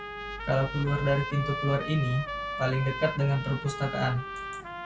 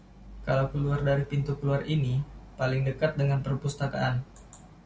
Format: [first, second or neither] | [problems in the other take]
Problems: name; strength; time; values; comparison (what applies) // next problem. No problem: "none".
second | background sound (Trumpet); 8 dB below the speech